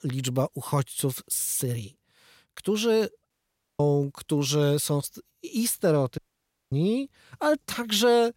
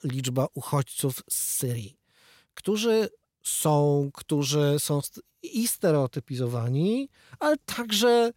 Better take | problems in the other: second | audio cutting out; at 3.5 s and at 6 s for 0.5 s

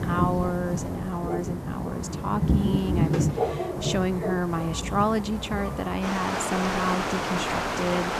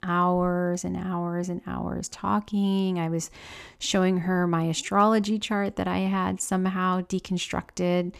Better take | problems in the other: second | rain or running water; very loud; throughout; as loud as the speech

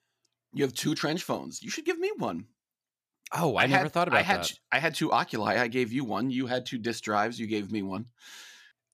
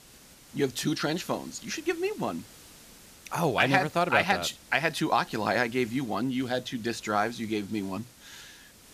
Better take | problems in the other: first | hiss; faint; throughout; 20 dB below the speech

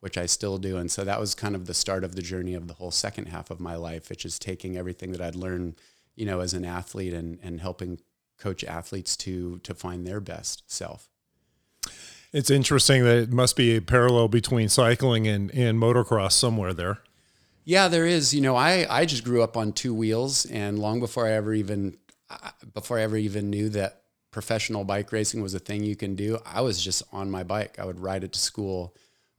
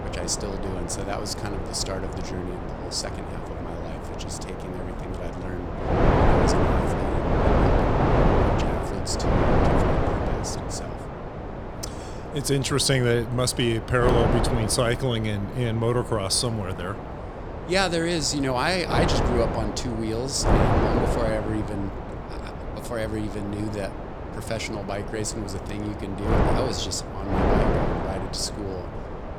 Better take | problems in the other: first | wind noise on the microphone; heavy; as loud as the speech

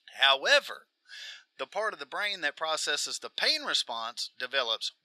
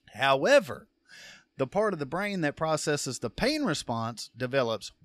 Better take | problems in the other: second | thin; very; fading below 700 Hz

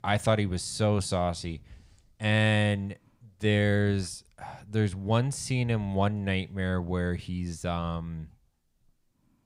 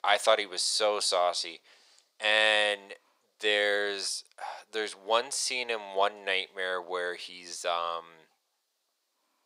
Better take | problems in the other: first | thin; very; fading below 450 Hz

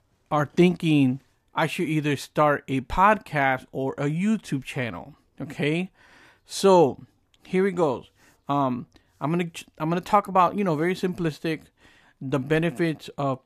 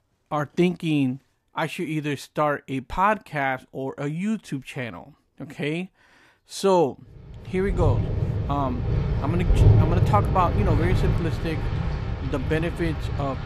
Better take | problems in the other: first | rain or running water; very loud; from 7.5 s on; 2 dB above the speech

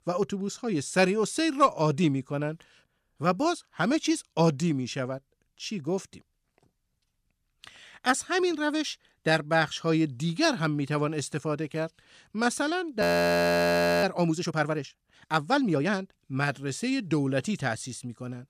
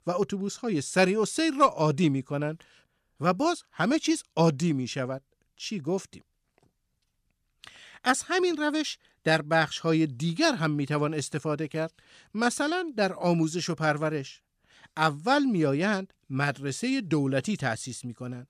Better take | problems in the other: second | audio freezing; at 13 s for 1 s

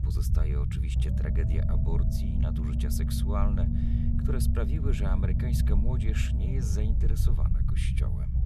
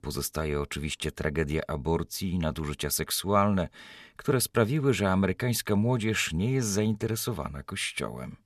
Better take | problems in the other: second | low rumble; loud; throughout; 1 dB below the speech

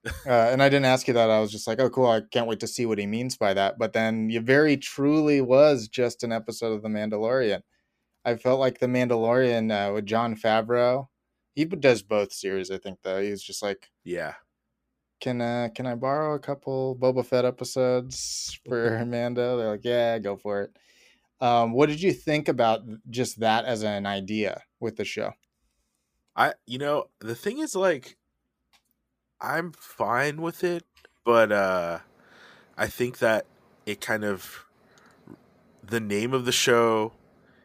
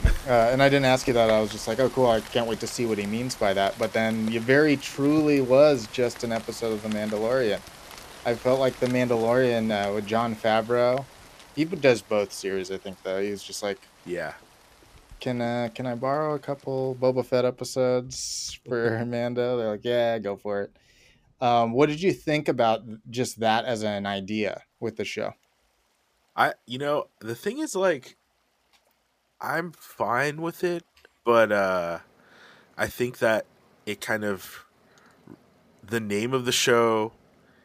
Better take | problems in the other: first | rain or running water; noticeable; throughout; 15 dB below the speech

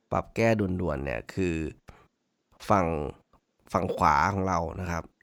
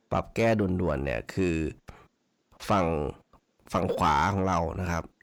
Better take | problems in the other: first | distortion; slight; 10 dB below the speech

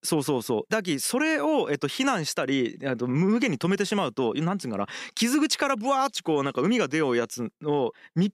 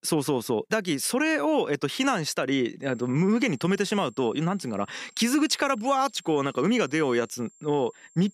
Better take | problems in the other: first | high-pitched whine; faint; from 3 s on; 7.5 kHz, 30 dB below the speech

